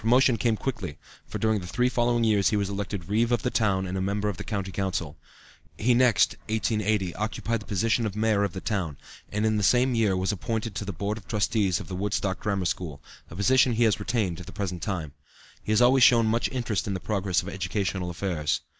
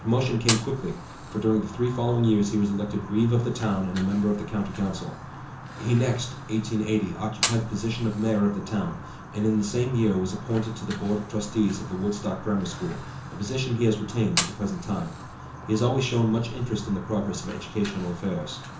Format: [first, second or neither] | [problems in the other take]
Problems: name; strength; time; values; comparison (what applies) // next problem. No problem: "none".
first | background sound (Fire); 10 dB below the speech // room echo; dies away in 0.6 s